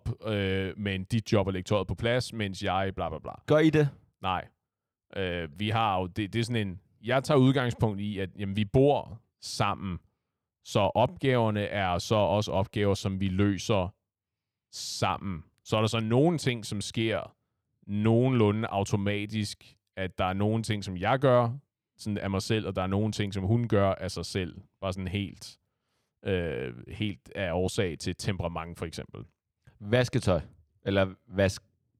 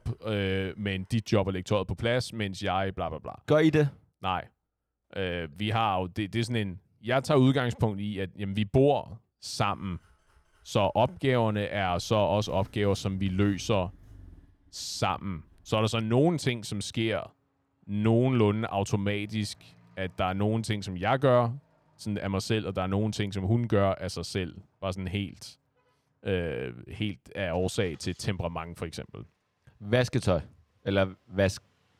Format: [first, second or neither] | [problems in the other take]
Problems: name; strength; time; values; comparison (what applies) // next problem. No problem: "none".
first | traffic noise; faint; throughout; 30 dB below the speech